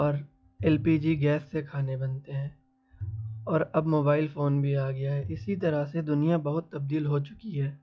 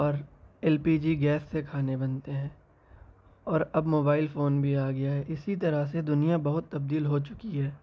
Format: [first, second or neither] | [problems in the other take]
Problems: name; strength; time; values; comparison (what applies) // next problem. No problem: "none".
second | noise reduction (classical method log-MMSE)